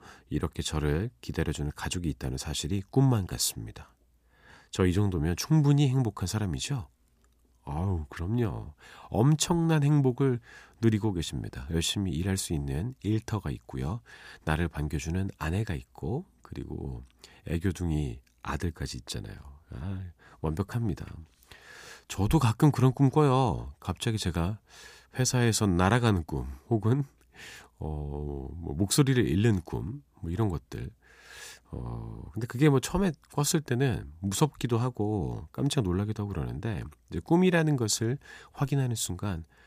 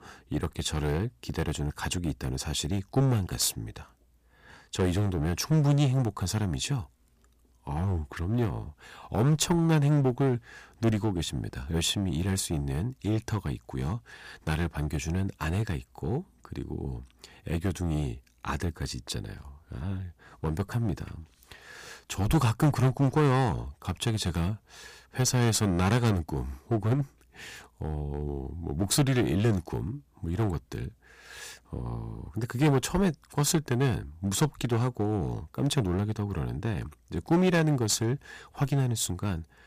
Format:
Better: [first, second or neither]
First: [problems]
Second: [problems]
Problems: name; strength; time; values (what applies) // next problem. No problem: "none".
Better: first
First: none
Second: distortion; slight; 5% of the sound clipped